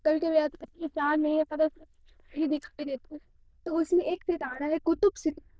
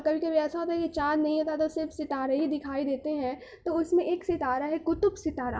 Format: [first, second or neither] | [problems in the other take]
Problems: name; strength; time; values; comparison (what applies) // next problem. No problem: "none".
second | noise reduction (neural diffusion model UNIVERSE++)